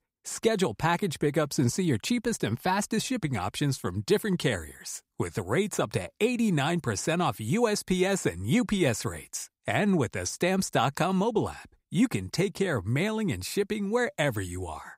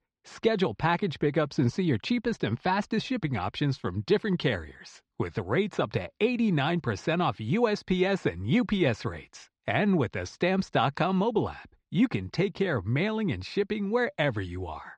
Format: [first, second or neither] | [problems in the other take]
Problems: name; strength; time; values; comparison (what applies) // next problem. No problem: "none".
first | muffled; slightly; fading above 4.5 kHz